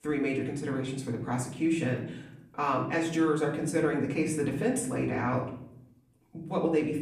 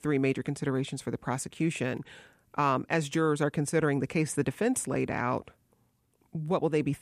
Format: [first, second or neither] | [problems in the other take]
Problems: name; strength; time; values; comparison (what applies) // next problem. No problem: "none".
second | room echo; slight; dies away in 0.6 s // off-mic speech; far